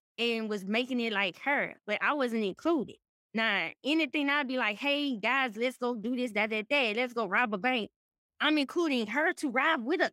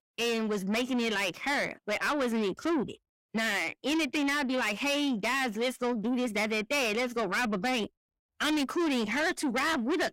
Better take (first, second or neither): first